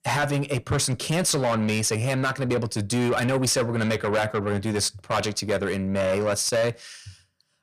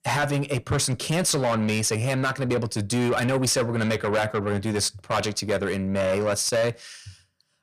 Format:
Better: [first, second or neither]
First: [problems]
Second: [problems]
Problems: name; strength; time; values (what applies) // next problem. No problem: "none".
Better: neither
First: distortion; heavy; 7 dB below the speech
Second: distortion; heavy; 7 dB below the speech